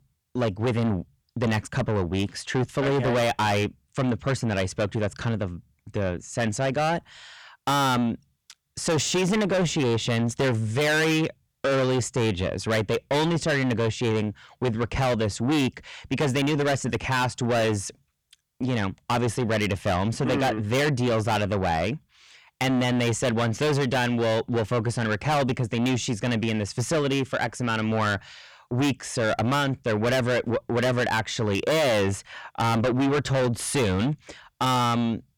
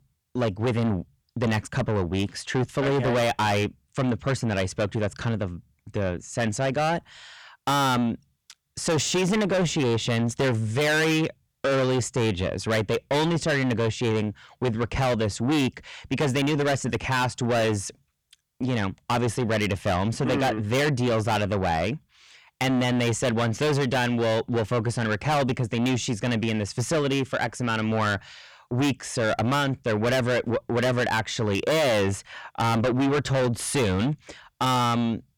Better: neither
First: distortion; heavy; 5 dB below the speech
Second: distortion; heavy; 5 dB below the speech

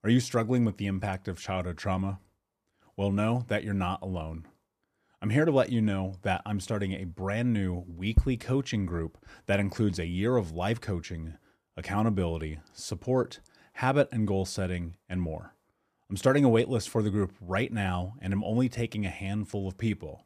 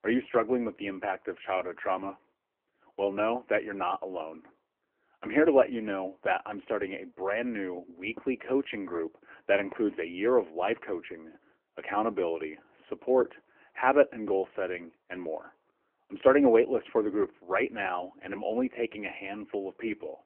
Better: first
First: none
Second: phone-call audio; poor line; nothing above 3 kHz

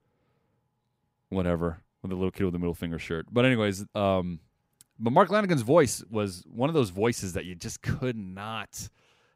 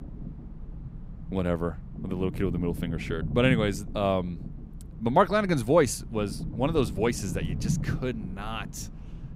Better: first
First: none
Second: low rumble; noticeable; throughout; 15 dB below the speech

